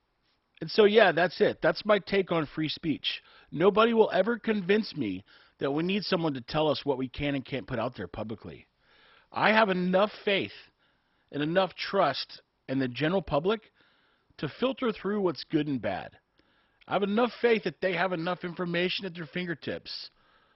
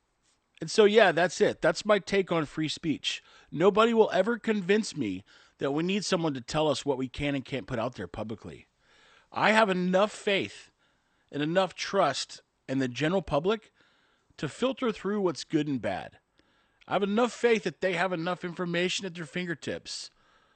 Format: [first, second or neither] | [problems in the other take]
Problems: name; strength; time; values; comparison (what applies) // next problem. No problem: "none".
second | garbled, watery; badly; nothing above 5.5 kHz; slightly in the second